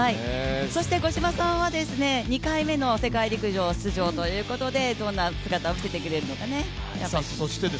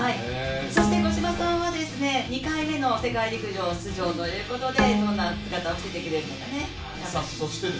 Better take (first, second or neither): first